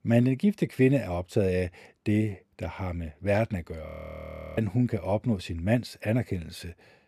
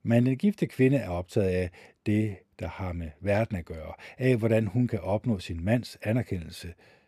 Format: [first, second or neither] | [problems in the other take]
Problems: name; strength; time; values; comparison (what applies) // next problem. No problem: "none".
second | audio freezing; at 4 s for 0.5 s